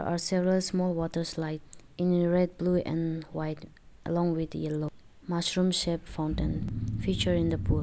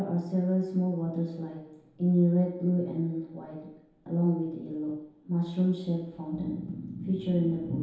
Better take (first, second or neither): first